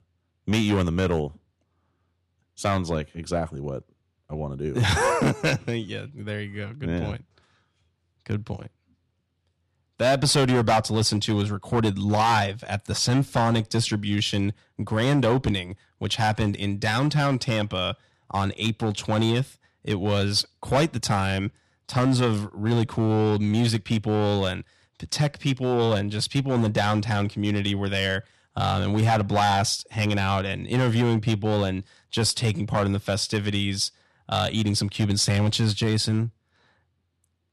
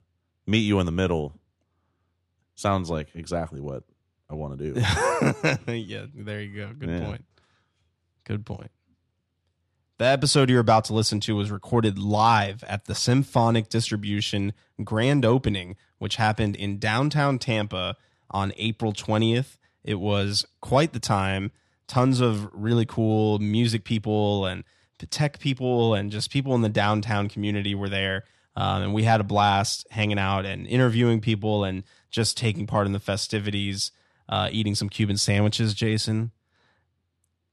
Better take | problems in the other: second | distortion; slight; 5% of the sound clipped

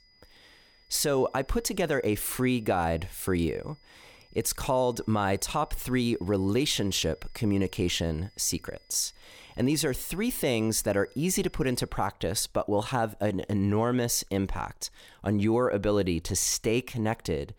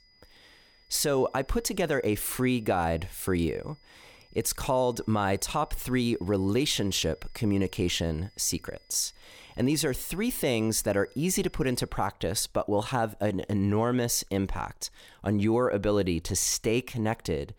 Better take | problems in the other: neither | high-pitched whine; faint; until 12 s; 5 kHz, 30 dB below the speech; the same in both

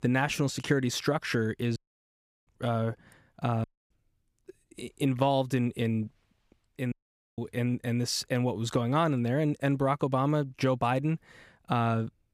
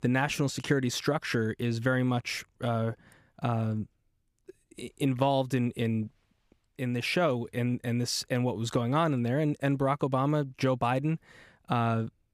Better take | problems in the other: second | audio cutting out; at 2 s for 0.5 s, at 3.5 s and at 7 s

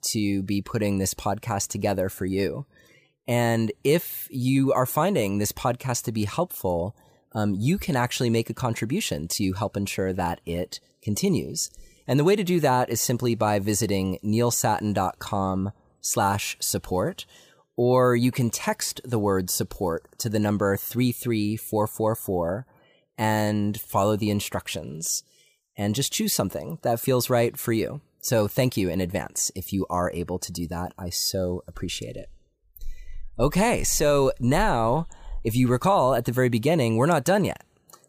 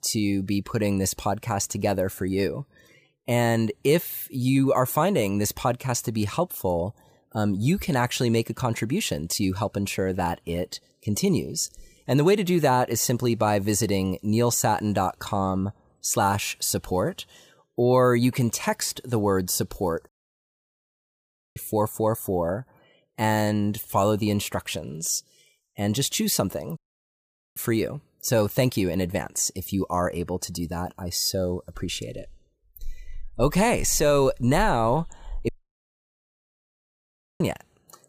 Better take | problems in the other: first | audio cutting out; at 20 s for 1.5 s, at 27 s for 1 s and at 35 s for 2 s

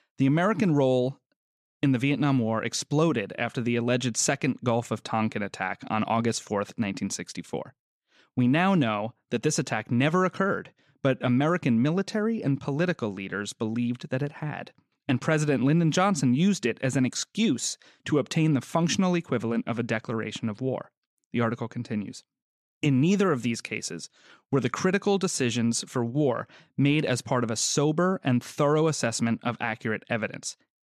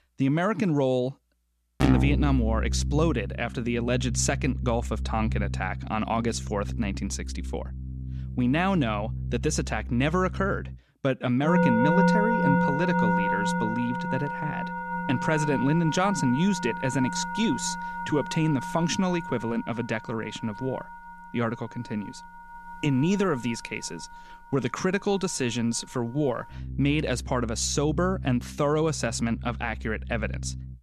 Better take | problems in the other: first | background music; loud; throughout; 3 dB below the speech

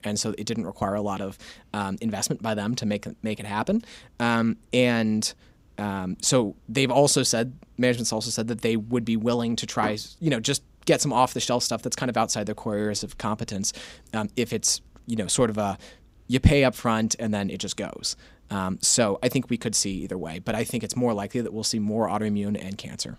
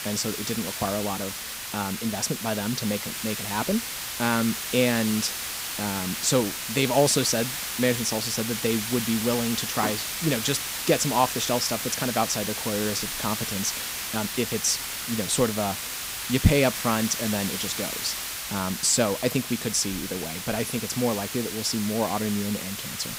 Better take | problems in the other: first | hiss; loud; throughout; 3 dB below the speech

